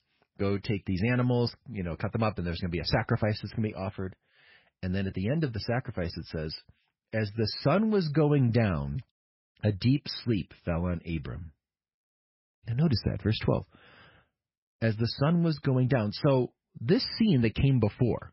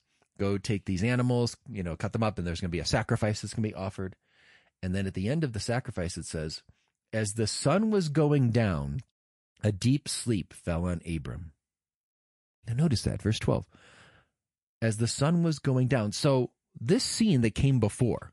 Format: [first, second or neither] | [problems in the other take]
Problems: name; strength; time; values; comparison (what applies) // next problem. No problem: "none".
second | garbled, watery; badly; nothing above 5.5 kHz; slightly in the second